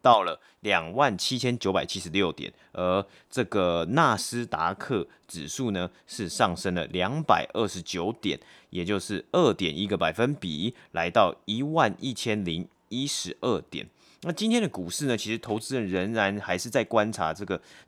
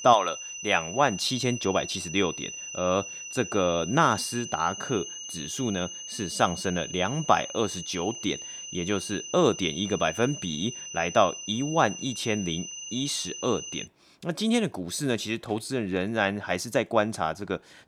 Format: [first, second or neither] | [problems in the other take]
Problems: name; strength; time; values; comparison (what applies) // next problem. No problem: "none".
first | high-pitched whine; loud; until 14 s; 6 kHz, 9 dB below the speech